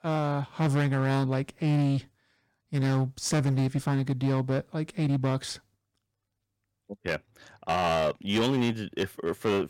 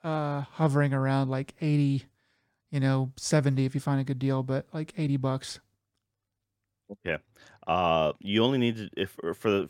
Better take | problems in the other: second | distortion; slight; 12% of the sound clipped

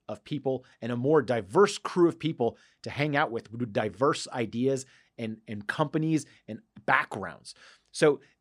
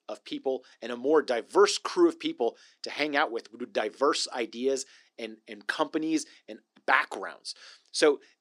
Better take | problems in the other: first | thin; very slightly; fading below 300 Hz

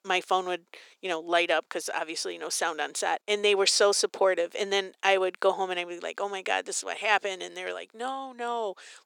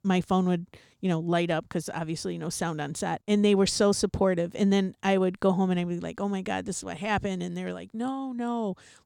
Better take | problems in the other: second | thin; very; fading below 400 Hz

